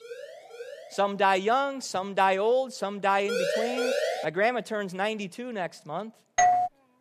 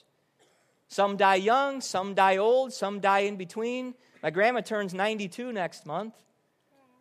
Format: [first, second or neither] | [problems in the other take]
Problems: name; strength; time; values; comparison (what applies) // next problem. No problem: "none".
second | siren; faint; at the start; peak 15 dB below the speech // siren; loud; at 3.5 s; peak 1 dB above the speech // doorbell; loud; at 6.5 s; peak 5 dB above the speech